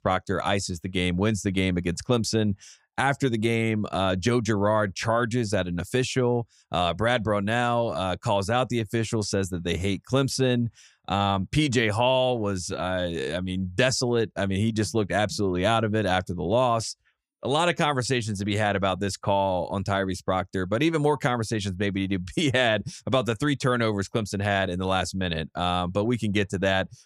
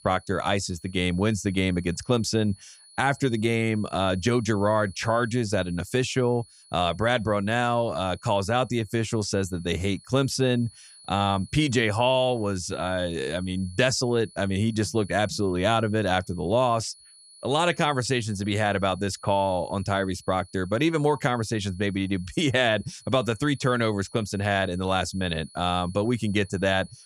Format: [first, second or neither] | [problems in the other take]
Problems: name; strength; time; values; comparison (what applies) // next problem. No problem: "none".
first | high-pitched whine; faint; throughout; 4.5 kHz, 25 dB below the speech